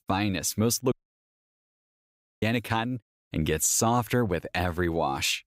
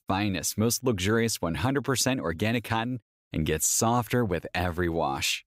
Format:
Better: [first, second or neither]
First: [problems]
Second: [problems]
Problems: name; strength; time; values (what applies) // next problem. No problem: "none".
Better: second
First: audio cutting out; at 1 s for 1.5 s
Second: none